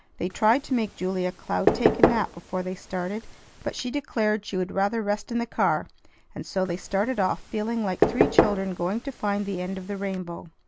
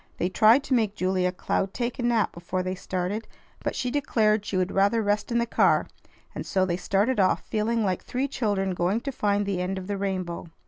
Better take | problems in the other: second | background sound (Knock / Wood); 1 dB below the speech

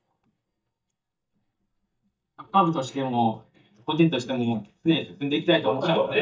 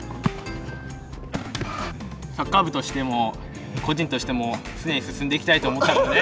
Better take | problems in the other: second | noise reduction (neural mask model DeepFilterNet 3)

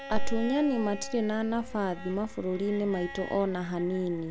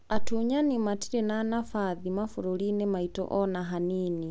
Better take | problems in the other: second | background sound (Bowed string instrument); 16 dB below the speech

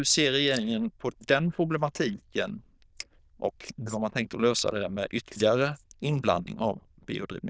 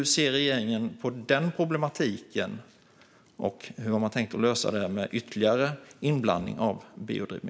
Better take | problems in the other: second | noise reduction (neural diffusion model UNIVERSE++)

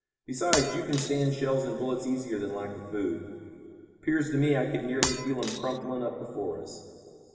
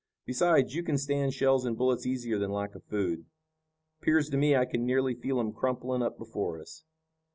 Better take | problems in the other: second | background sound (Shatter); 5 dB below the speech // room echo; dies away in 2.6 s

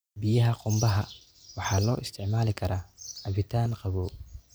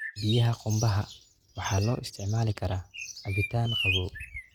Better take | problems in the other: first | noise reduction (neural mask model RNNoise)

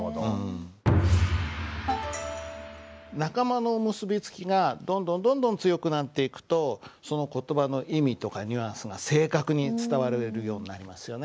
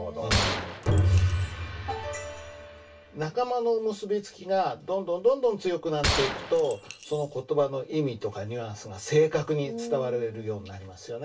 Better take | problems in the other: first | background sound (Gunshot, gunfire); 4 dB below the speech // room echo; dies away in 0.1 s

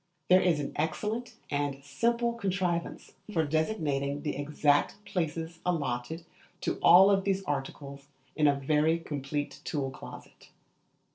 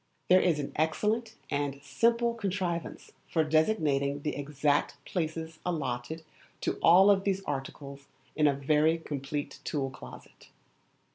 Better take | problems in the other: second | noise reduction (neural separator model SepFormer DNS4)

